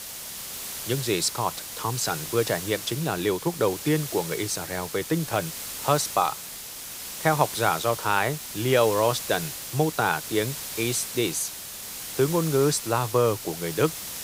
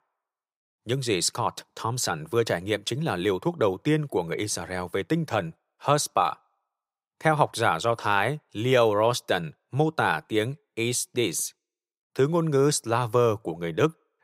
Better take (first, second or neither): second